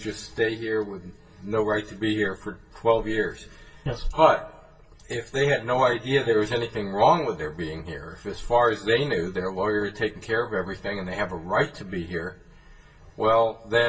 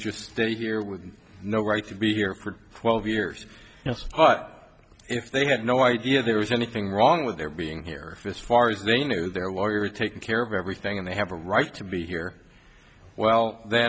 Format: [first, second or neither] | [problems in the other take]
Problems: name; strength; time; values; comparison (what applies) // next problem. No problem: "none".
second | room echo; dies away in 0.1 s